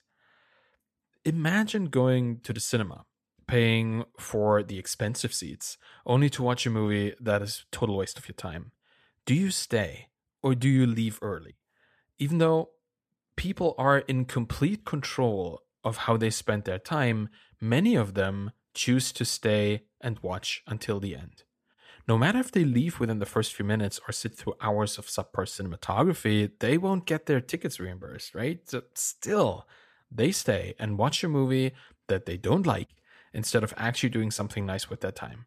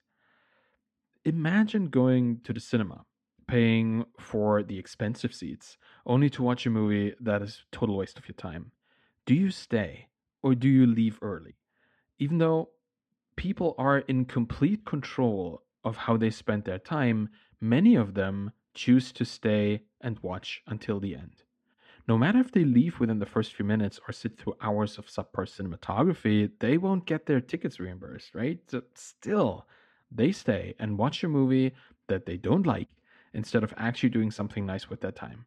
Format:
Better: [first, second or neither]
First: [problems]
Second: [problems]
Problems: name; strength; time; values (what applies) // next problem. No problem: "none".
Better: first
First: none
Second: muffled; slightly; fading above 3.5 kHz